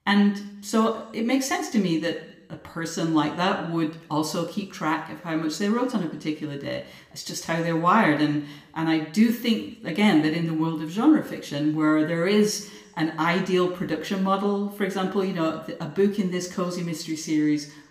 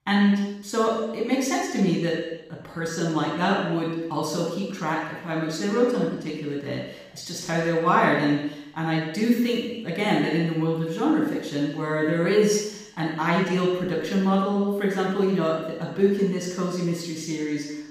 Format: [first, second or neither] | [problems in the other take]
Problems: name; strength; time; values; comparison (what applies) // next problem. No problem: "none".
first | room echo; strong; dies away in 0.9 s; slight in the first // off-mic speech; far